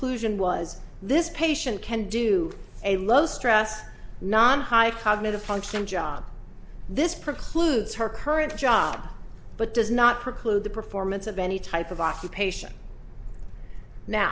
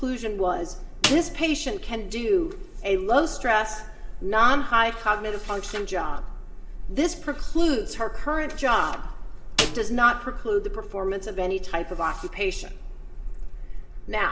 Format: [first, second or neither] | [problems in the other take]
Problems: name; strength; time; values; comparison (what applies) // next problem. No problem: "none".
first | background sound (Snare drum); 6 dB below the speech // room echo; dies away in 0.6 s